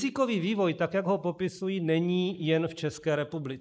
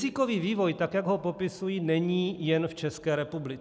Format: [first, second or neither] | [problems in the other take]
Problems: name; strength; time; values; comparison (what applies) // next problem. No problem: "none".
second | noise reduction (neural mask model Resemble Enhance denoiser)